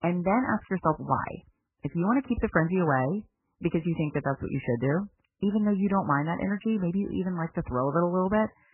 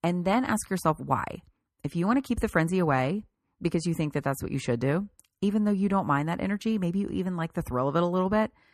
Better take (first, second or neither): second